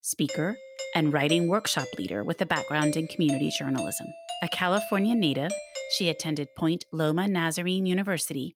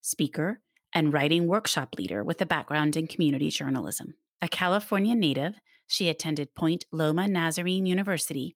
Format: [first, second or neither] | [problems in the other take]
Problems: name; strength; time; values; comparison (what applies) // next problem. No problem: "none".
second | doorbell; noticeable; until 6.5 s; peak 7 dB below the speech